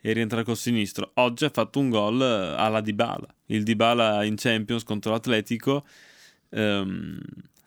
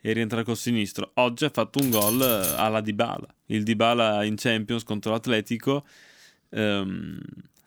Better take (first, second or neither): first